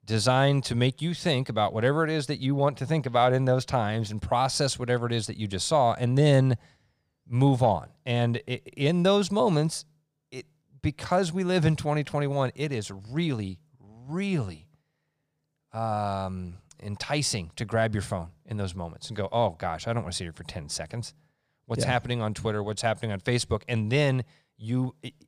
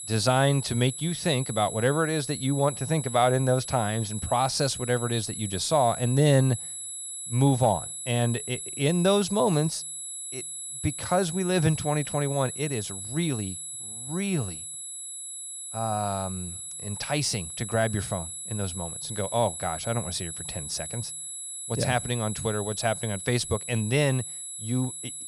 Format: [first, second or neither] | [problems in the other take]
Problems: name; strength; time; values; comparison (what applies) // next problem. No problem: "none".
first | high-pitched whine; loud; throughout; 11 kHz, 7 dB below the speech